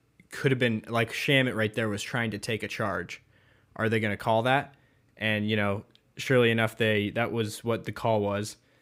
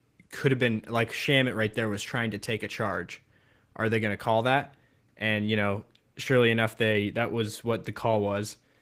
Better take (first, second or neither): first